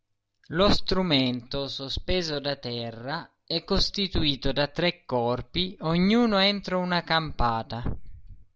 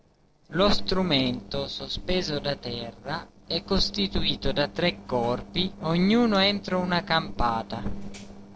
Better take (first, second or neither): first